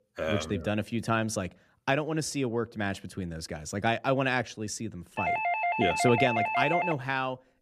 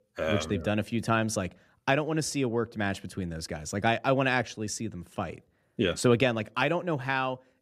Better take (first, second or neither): second